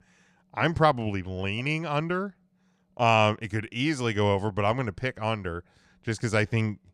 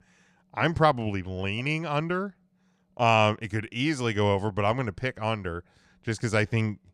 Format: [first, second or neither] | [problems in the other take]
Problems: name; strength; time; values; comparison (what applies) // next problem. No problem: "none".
neither | none